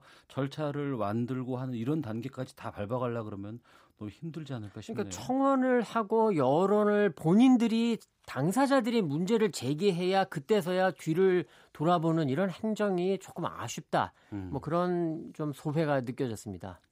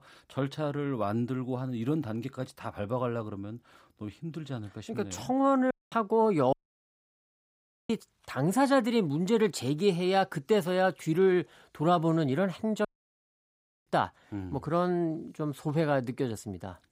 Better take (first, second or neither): first